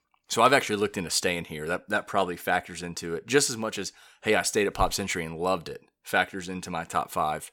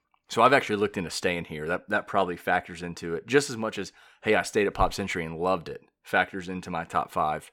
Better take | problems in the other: first | muffled; slightly; fading above 4 kHz

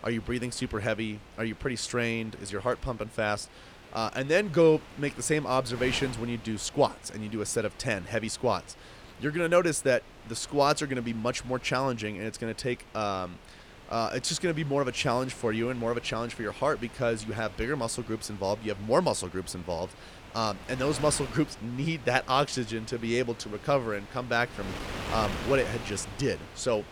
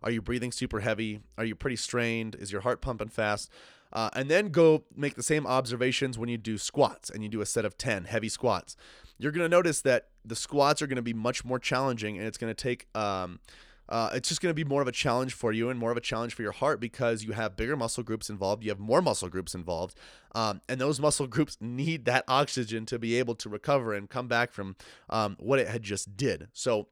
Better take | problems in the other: second | wind noise on the microphone; occasional gusts; 15 dB below the speech

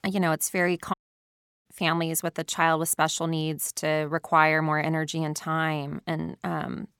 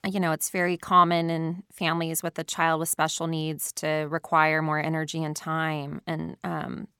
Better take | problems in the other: second | audio cutting out; at 1 s for 0.5 s

